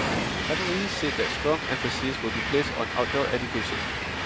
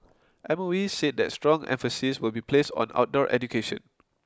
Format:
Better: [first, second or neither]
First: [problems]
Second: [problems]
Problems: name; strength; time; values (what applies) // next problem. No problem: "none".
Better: second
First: background sound (Train); as loud as the speech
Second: none